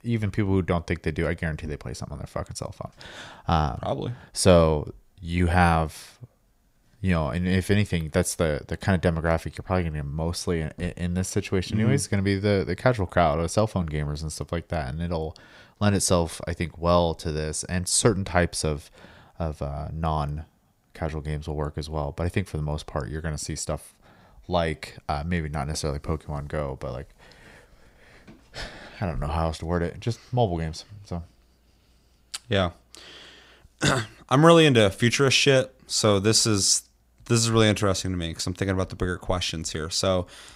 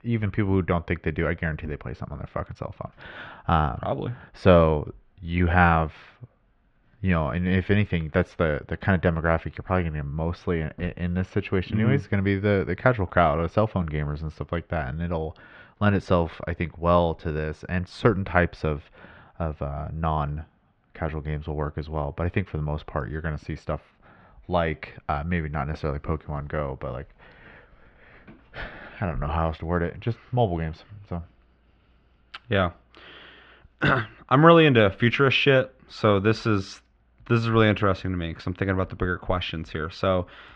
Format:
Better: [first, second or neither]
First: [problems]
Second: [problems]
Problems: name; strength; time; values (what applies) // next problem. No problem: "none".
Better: first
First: none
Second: muffled; very; fading above 3 kHz